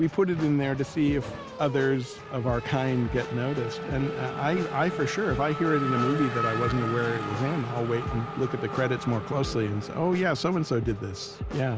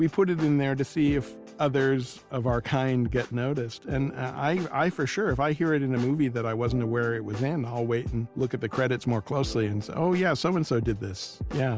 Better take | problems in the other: second | background sound (Race car, auto racing / Accelerating, revving, vroom); 8 dB below the speech

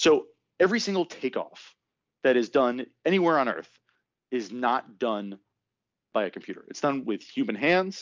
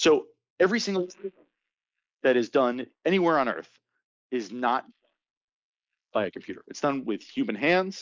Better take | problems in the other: first | noise reduction (neural mask model Resemble Enhance denoiser)

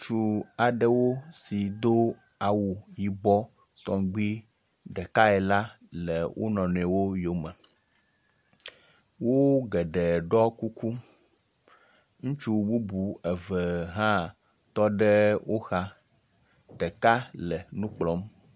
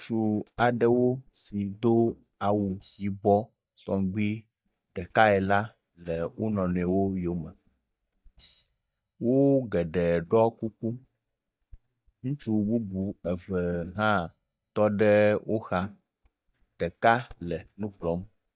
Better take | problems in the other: first | noise reduction (neural mask model DeepFilterNet 3)

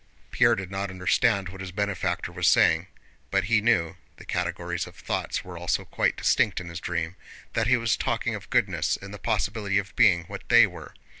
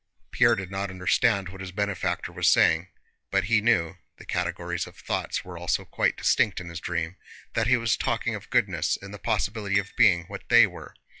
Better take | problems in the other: first | noise reduction (classical method log-MMSE)

